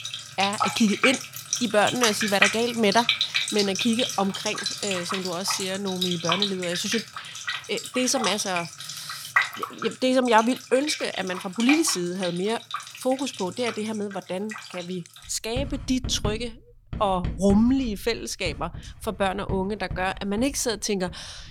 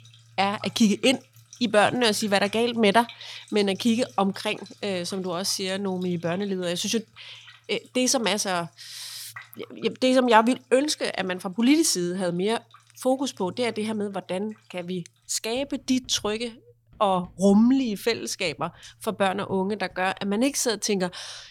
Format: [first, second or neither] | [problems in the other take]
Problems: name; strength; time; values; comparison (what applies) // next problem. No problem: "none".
second | household noises; loud; throughout; 3 dB below the speech; faint in the second